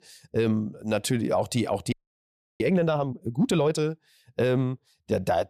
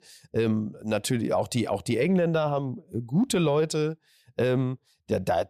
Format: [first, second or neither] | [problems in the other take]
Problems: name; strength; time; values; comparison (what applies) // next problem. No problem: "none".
second | audio freezing; at 2 s for 0.5 s